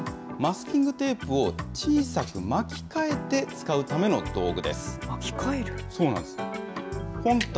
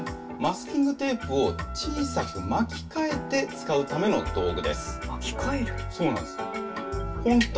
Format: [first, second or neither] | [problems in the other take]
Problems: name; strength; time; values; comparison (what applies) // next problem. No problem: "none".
first | background sound (Wind instrument, woodwind instrument); 15 dB below the speech // room echo; dies away in 0.1 s